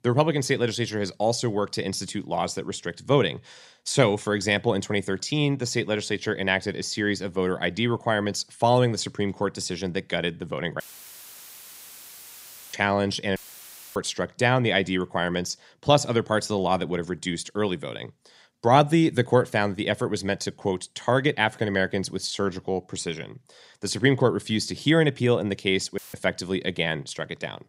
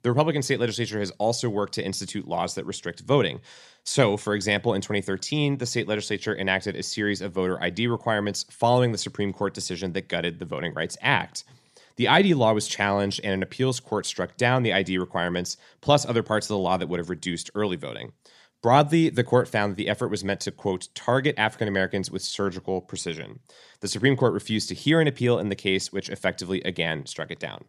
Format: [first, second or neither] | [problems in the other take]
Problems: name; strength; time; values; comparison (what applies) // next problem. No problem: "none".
second | audio cutting out; filled with static; at 11 s for 2 s, at 13 s for 0.5 s and at 26 s